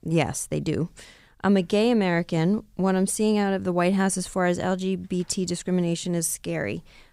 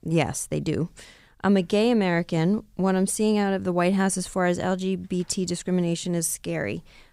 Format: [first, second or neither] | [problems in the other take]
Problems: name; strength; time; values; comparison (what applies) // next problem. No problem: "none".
neither | none